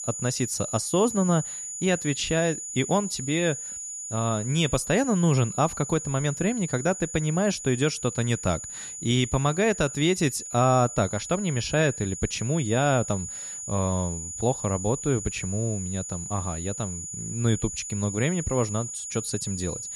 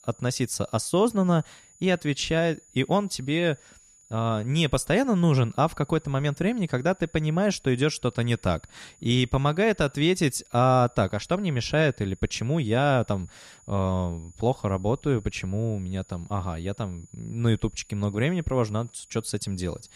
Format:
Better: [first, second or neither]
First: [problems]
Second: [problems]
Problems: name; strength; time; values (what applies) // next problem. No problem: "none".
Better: second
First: high-pitched whine; loud; throughout; 7 kHz, 7 dB below the speech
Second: high-pitched whine; faint; throughout; 7 kHz, 30 dB below the speech